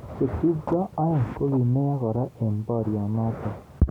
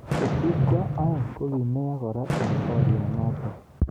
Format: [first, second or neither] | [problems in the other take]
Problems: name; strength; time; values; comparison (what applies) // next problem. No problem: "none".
first | background sound (Fireworks); 3 dB above the speech